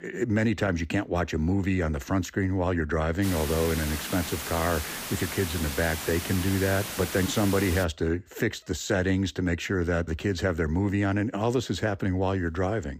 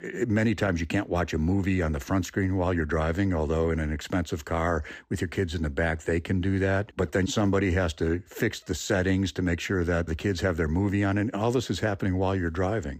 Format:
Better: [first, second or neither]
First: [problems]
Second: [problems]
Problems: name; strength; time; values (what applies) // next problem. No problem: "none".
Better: second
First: hiss; loud; from 3 to 8 s; 6 dB below the speech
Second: none